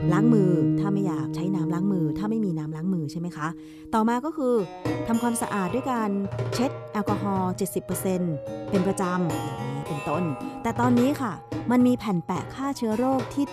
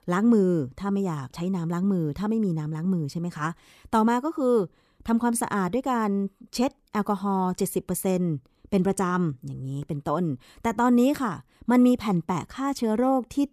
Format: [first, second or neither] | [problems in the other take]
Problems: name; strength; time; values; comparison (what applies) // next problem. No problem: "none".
second | background music; loud; throughout; 5 dB below the speech